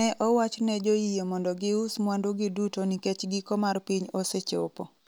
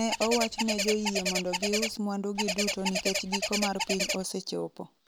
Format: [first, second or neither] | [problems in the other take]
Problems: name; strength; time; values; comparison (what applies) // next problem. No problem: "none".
first | background sound (Bird); as loud as the speech